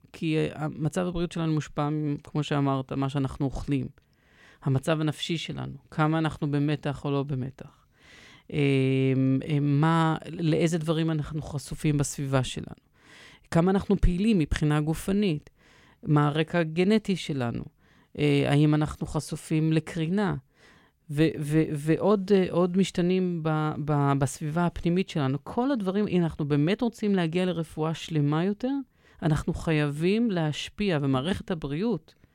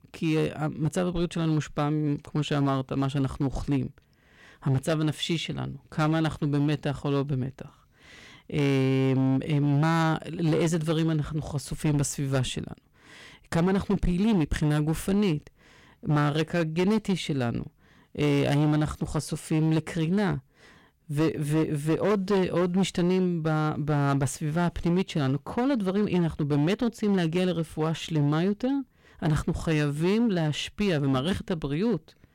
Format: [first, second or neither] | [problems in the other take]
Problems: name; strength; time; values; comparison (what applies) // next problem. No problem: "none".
first | distortion; slight; 10% of the sound clipped